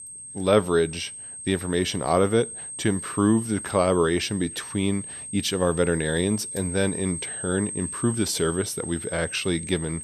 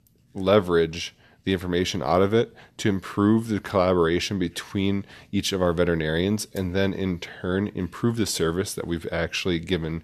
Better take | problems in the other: second | high-pitched whine; loud; throughout; 8.5 kHz, 8 dB below the speech

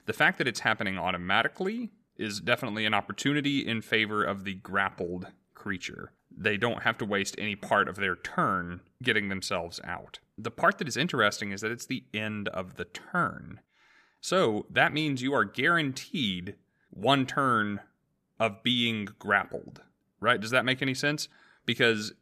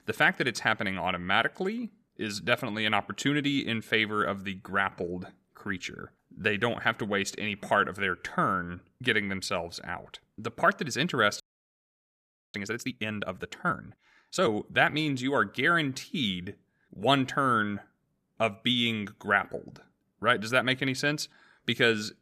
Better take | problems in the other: first | audio freezing; at 11 s for 1 s

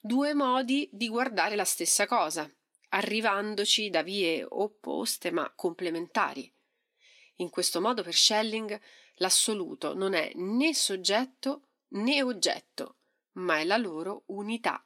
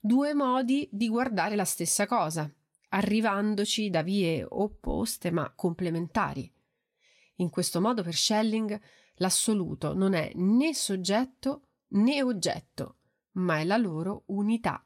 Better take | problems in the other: second | thin; very slightly; fading below 300 Hz

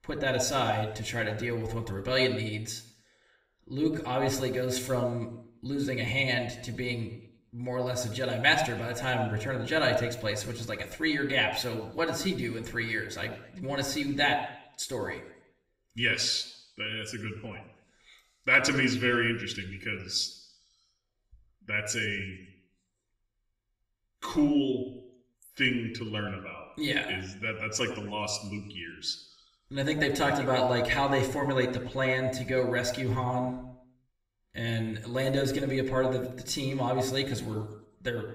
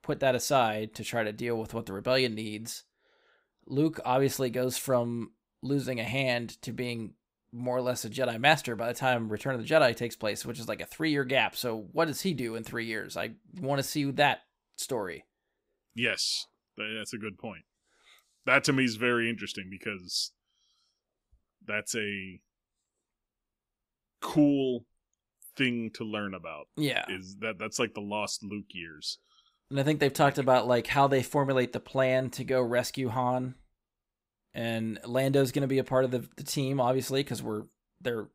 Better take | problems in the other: second | room echo; slight; dies away in 0.7 s // off-mic speech; somewhat distant

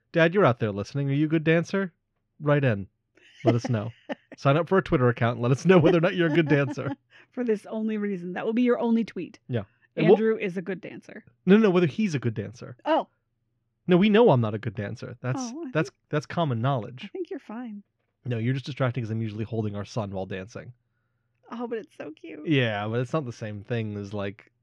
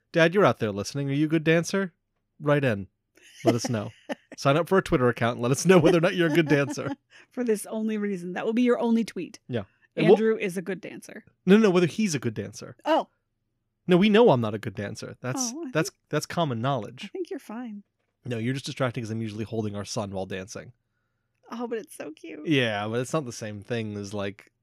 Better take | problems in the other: second | muffled; slightly; fading above 3.5 kHz

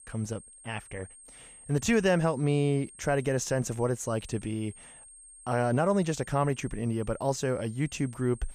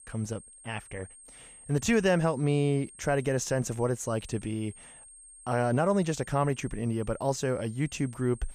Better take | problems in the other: neither | high-pitched whine; noticeable; throughout; 8.5 kHz, 20 dB below the speech; the same in both

